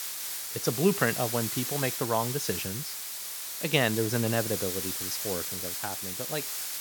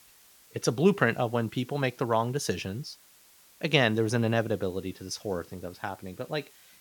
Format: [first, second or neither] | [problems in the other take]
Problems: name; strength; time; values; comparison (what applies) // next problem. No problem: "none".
second | hiss; loud; throughout; 2 dB below the speech; faint in the second